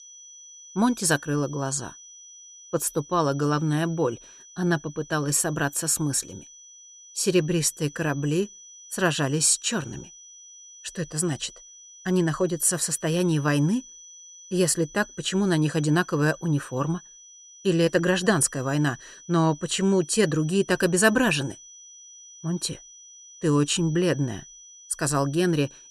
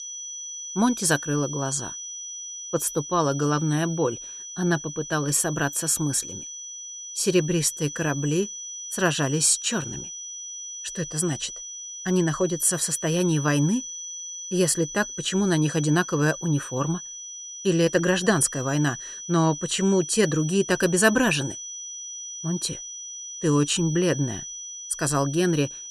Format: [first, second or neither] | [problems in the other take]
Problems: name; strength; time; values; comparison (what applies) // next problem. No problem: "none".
first | high-pitched whine; loud; throughout; 6 kHz, 10 dB below the speech; faint in the first